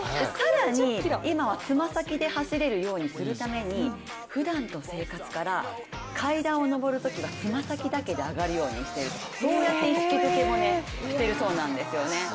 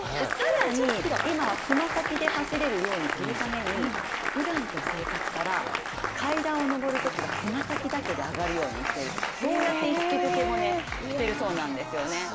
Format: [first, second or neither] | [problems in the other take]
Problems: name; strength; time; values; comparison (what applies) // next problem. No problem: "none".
first | background sound (Applause); 4 dB below the speech